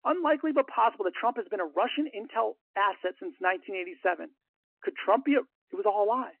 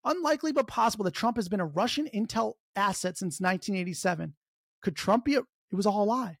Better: second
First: phone-call audio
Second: none

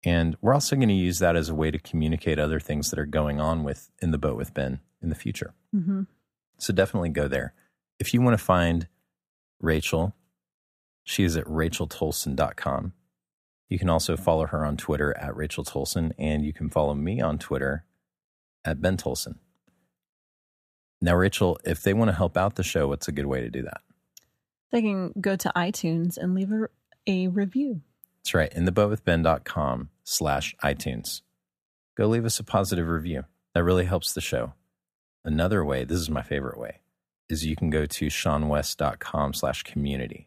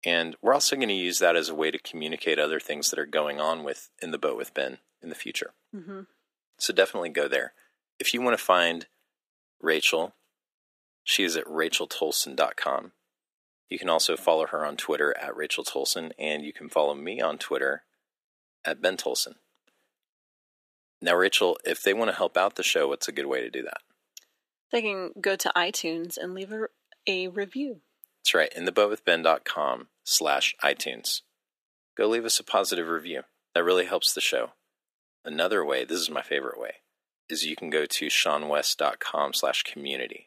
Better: first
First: none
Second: thin; very; fading below 350 Hz

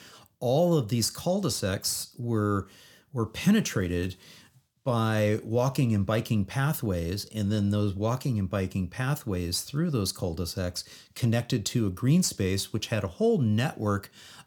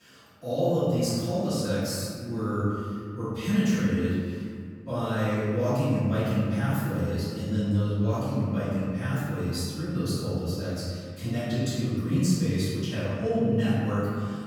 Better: first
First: none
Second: off-mic speech; far // room echo; strong; dies away in 2.1 s

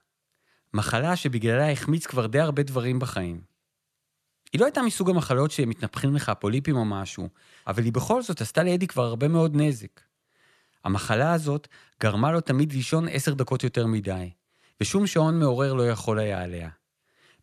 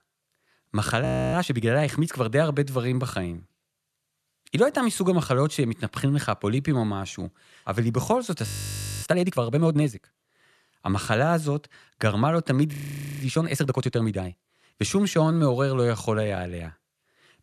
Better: first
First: none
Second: audio freezing; at 1 s, at 8.5 s for 0.5 s and at 13 s

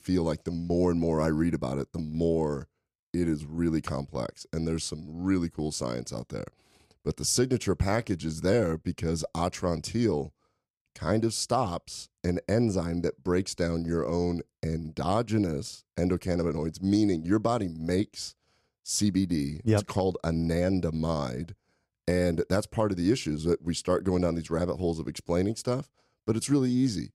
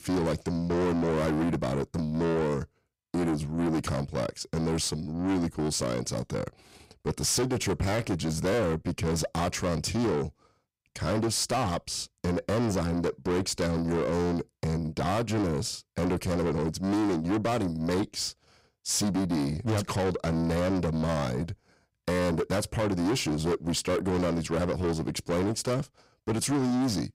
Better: first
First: none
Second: distortion; heavy; 6 dB below the speech

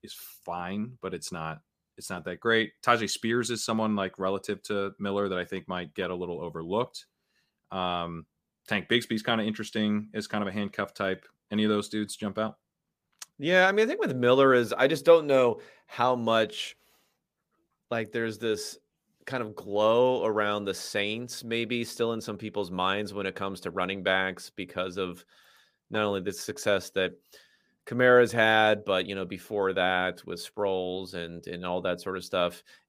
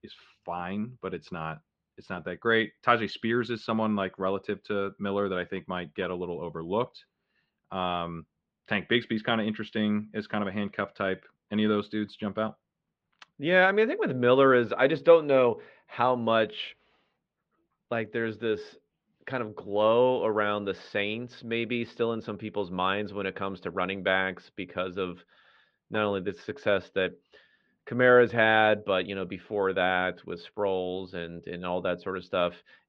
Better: first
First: none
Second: muffled; slightly; fading above 3.5 kHz

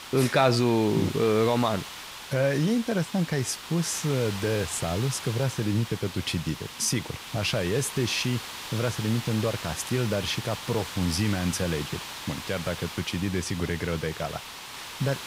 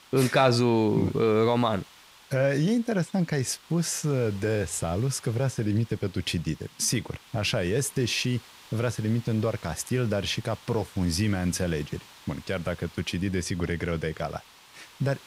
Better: second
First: hiss; loud; throughout; 9 dB below the speech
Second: hiss; faint; throughout; 20 dB below the speech

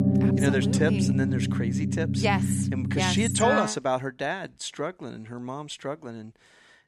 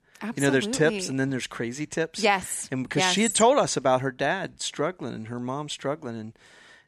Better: second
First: background music; very loud; until 3.5 s; 3 dB above the speech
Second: none

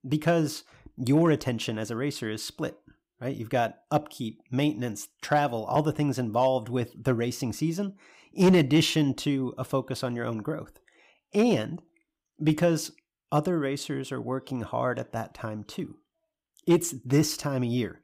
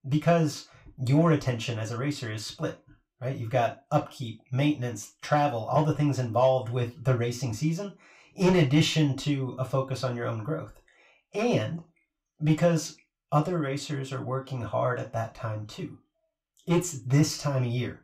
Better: first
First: none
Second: room echo; slight; dies away in 0.2 s // off-mic speech; far

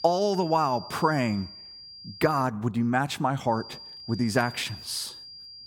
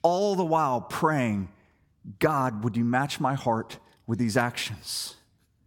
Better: second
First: high-pitched whine; noticeable; until 2.5 s and from 3.5 s on; 5 kHz, 15 dB below the speech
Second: none

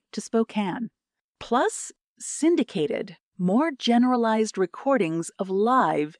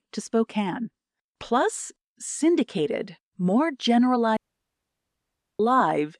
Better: first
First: none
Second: audio cutting out; at 4.5 s for 1 s

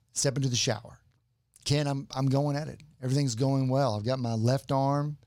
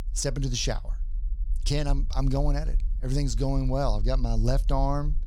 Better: first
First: none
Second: low rumble; faint; throughout; 25 dB below the speech

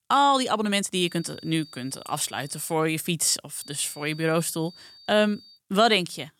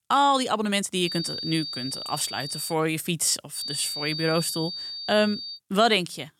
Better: first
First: high-pitched whine; faint; from 1 to 2.5 s and from 3.5 to 5.5 s; 4.5 kHz, 20 dB below the speech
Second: high-pitched whine; loud; from 1 to 2.5 s and from 3.5 to 5.5 s; 4.5 kHz, 6 dB below the speech

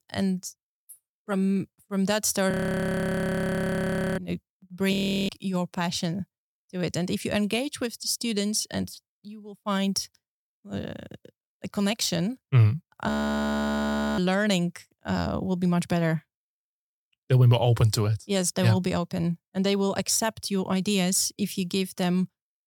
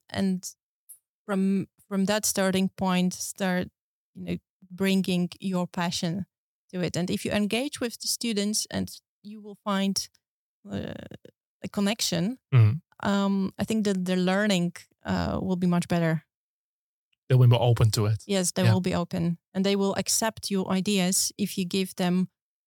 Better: second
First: audio freezing; at 2.5 s for 1.5 s, at 5 s and at 13 s for 1 s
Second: none

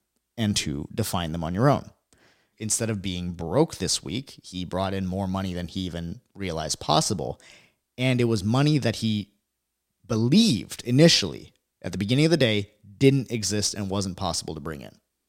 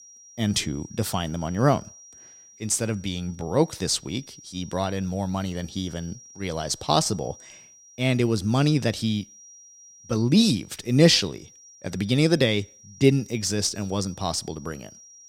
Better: first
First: none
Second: high-pitched whine; faint; throughout; 5.5 kHz, 20 dB below the speech

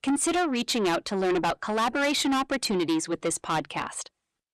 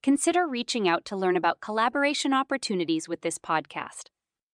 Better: second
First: distortion; heavy; 7 dB below the speech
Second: none

